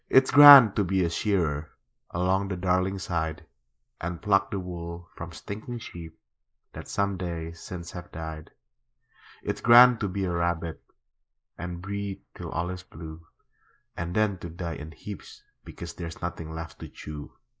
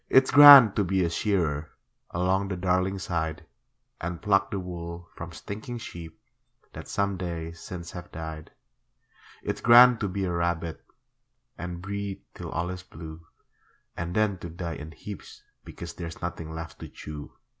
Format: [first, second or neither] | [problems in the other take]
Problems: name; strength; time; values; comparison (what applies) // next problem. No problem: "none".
second | noise reduction (neural mask model Resemble Enhance denoiser)